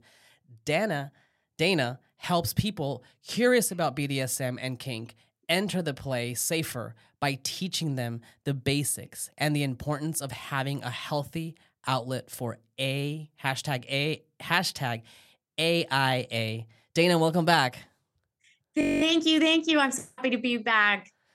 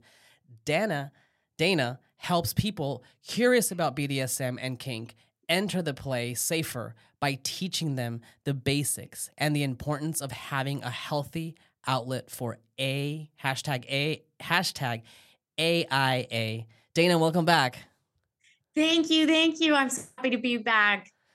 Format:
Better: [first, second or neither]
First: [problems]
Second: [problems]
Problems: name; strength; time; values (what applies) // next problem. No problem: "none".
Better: second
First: audio freezing; at 19 s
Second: none